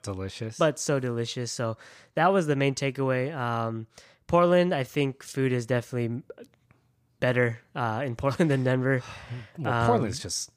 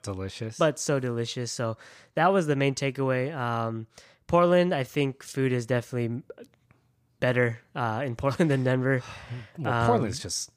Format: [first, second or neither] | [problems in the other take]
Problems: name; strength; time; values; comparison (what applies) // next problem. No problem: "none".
neither | none